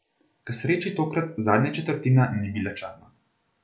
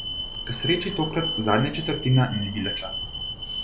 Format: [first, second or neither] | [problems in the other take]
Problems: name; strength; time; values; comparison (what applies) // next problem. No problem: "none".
first | background sound (Alarm); 6 dB below the speech